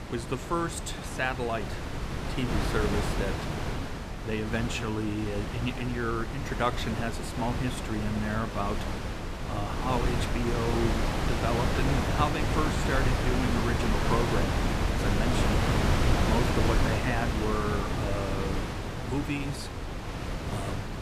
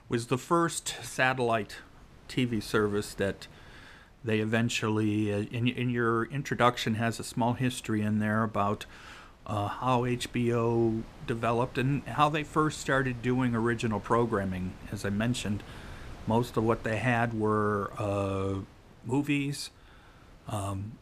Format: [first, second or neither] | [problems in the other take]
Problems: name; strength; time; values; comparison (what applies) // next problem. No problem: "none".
second | wind noise on the microphone; heavy; as loud as the speech; occasional gusts in the second